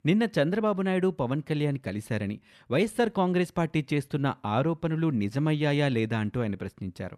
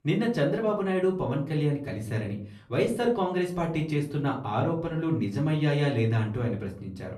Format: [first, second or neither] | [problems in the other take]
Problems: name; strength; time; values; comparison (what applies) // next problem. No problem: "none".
first | room echo; slight; dies away in 0.4 s // off-mic speech; far